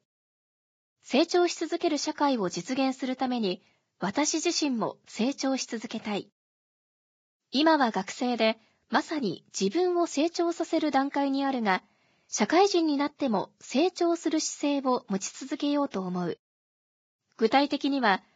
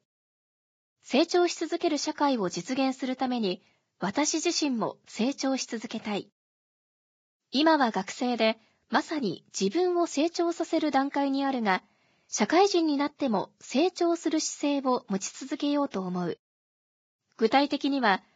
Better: neither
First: garbled, watery; badly; nothing above 7.5 kHz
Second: garbled, watery; badly; nothing above 7.5 kHz

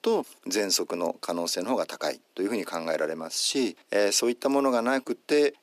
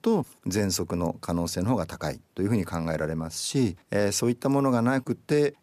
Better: second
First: thin; somewhat; fading below 300 Hz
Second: none

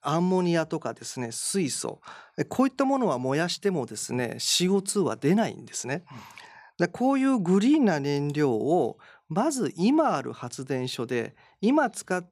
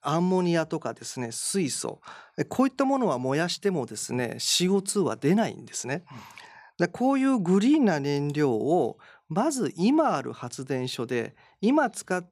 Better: neither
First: none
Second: none

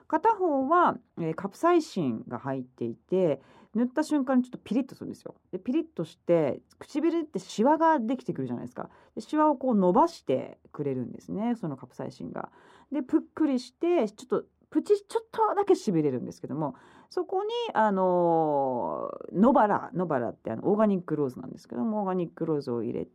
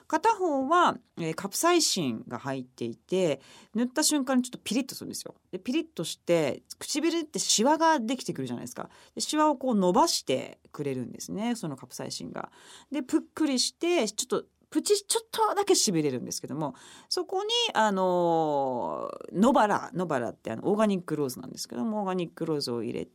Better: second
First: muffled; very; fading above 2.5 kHz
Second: none

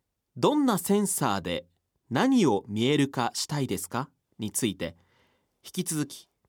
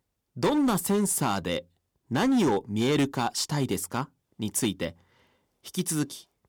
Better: first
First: none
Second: distortion; slight; 6% of the sound clipped

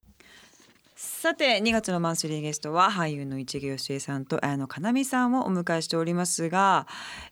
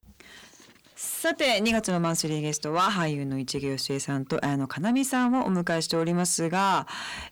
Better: first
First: none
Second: distortion; slight; 10 dB below the speech

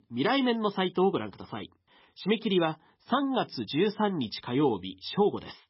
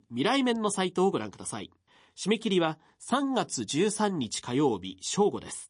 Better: second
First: garbled, watery; badly; nothing above 5.5 kHz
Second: garbled, watery; slightly; nothing above 10.5 kHz

